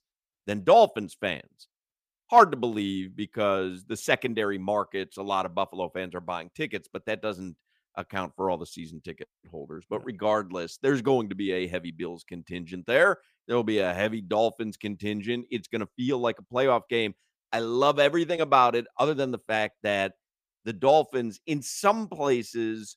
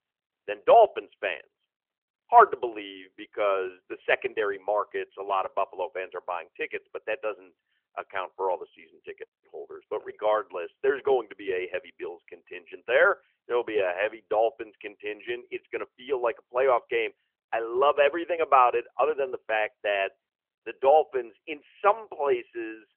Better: first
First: none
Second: phone-call audio; nothing above 3 kHz

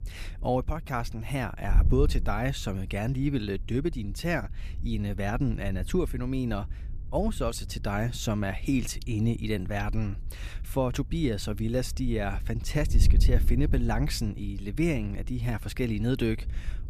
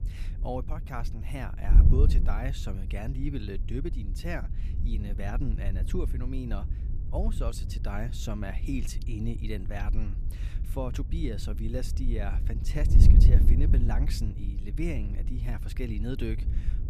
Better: first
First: wind noise on the microphone; occasional gusts; 20 dB below the speech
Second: wind noise on the microphone; heavy; 7 dB below the speech

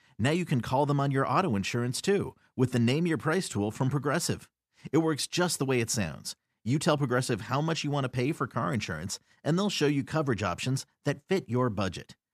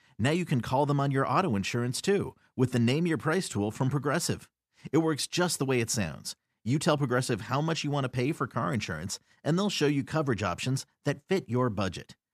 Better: neither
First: none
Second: none

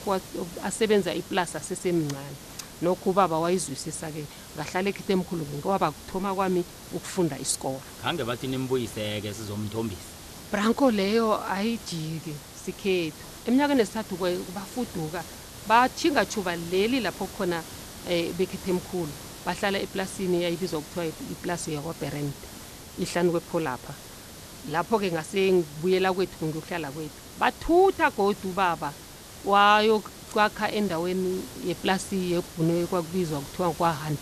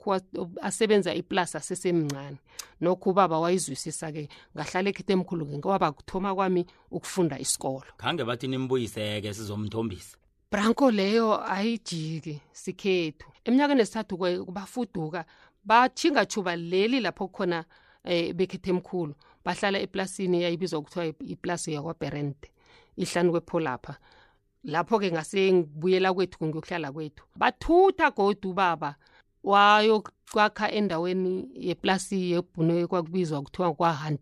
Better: second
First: hiss; noticeable; throughout; 15 dB below the speech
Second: none

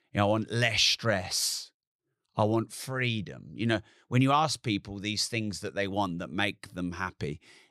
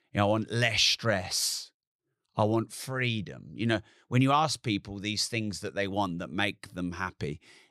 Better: neither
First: none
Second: none

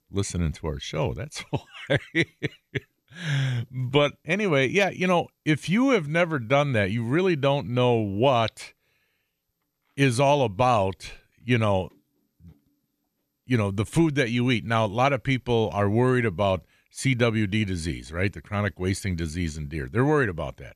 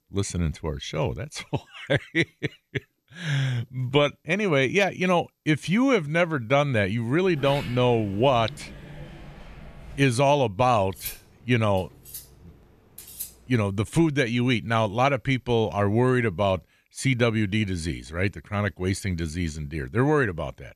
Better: first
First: none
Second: door banging; faint; from 7.5 to 10 s; peak 10 dB below the speech // clattering dishes; faint; from 11 to 13 s; peak 10 dB below the speech

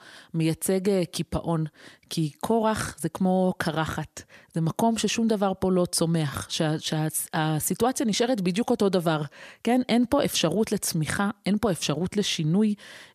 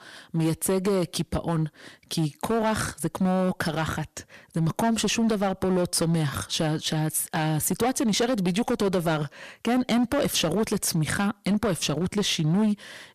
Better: first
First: none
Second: distortion; slight; 11% of the sound clipped

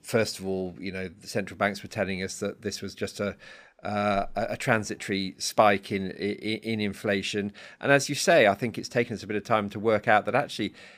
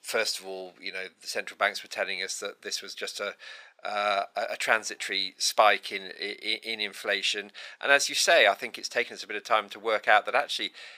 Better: first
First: none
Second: thin; very; fading below 700 Hz

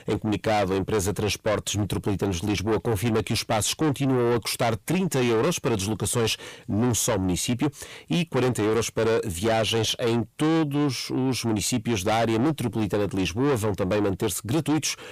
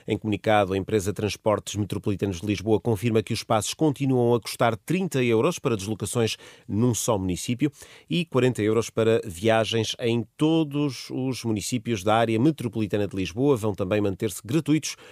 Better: second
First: distortion; heavy; 6 dB below the speech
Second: none

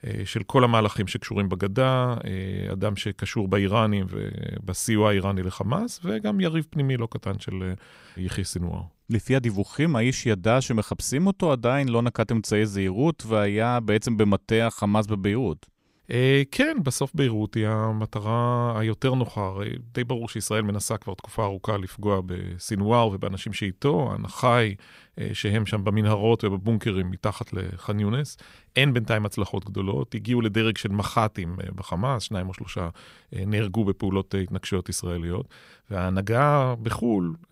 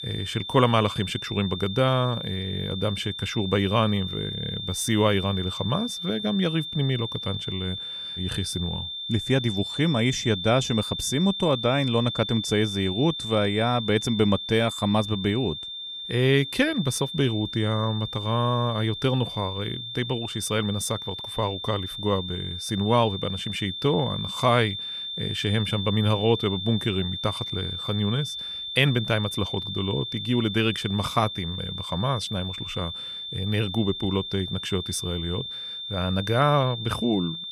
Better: first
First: none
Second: high-pitched whine; loud; throughout; 3.5 kHz, 6 dB below the speech

